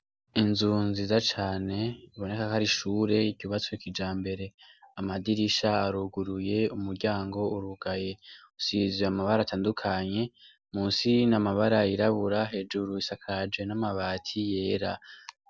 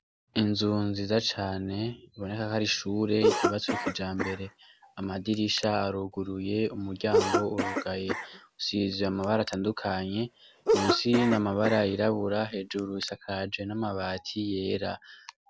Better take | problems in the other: first | background sound (Cough); 3 dB below the speech

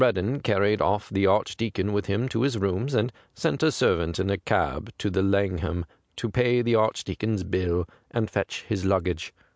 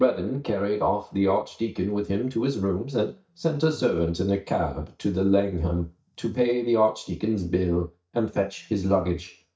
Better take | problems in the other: first | noise reduction (neural mask model DeepFilterNet 3)

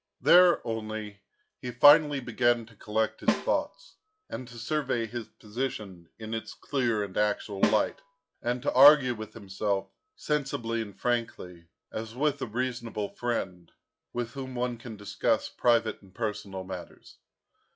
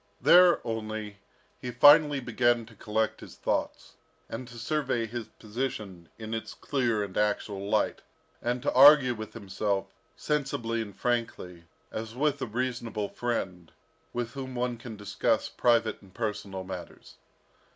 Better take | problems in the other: second | noise reduction (classical method log-MMSE)

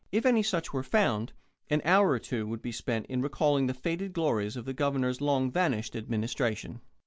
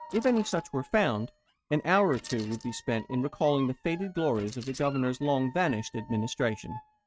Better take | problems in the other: first | noise reduction (neural mask model RNNoise)

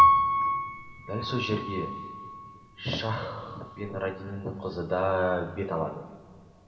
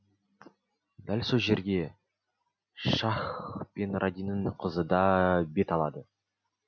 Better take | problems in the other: second | background sound (Piano); 3 dB above the speech // room echo; dies away in 2.9 s

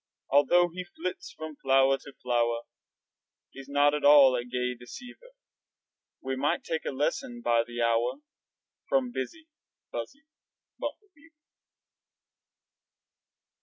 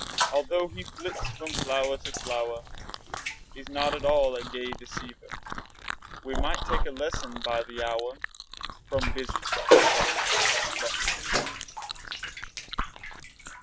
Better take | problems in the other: first | background sound (Chewing, mastication + Bathtub (filling or washing)); 4 dB above the speech

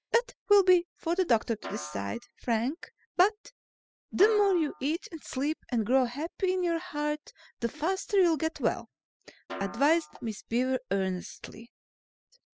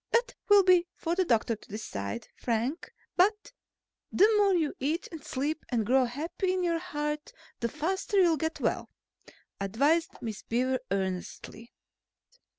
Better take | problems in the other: second | noise reduction (classical method spectral subtraction)

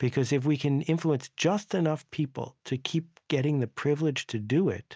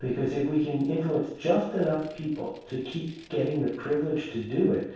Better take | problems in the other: first | noise reduction (neural separator model SepFormer DNS4)

